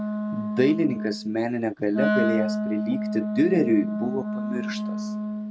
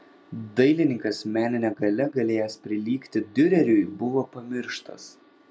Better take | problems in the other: second | noise reduction (neural mask model RNNoise)

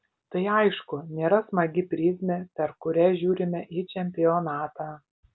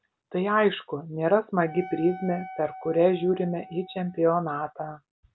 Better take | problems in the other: first | background sound (Wind instrument, woodwind instrument); 16 dB below the speech

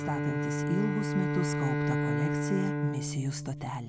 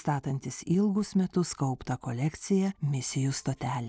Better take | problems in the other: second | background sound (Bowed string instrument); 3 dB above the speech

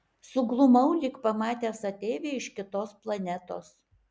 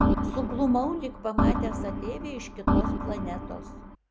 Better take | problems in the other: first | background sound (Organ); 4 dB above the speech

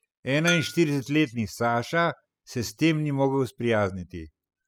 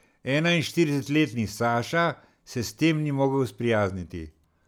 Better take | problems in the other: second | noise reduction (classical method spectral subtraction)

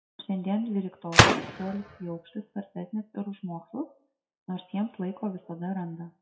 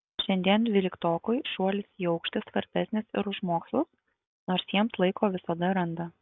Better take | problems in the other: second | noise reduction (classical method WPE with log-MMSE)

